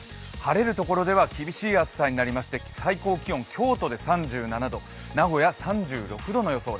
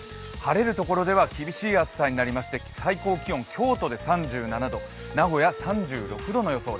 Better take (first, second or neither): first